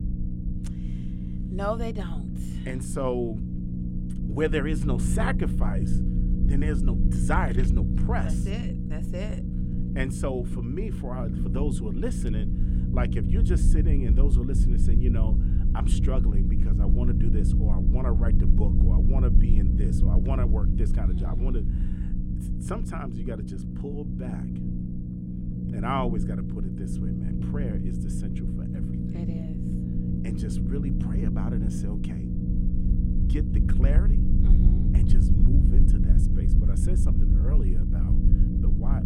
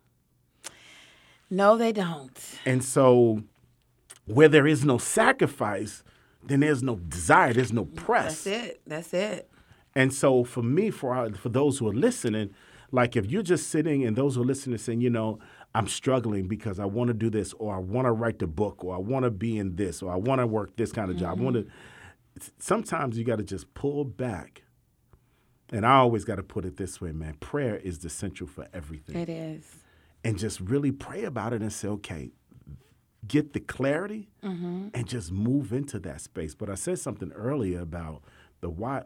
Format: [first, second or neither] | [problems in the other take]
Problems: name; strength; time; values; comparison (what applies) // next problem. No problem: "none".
second | low rumble; loud; throughout; 3 dB below the speech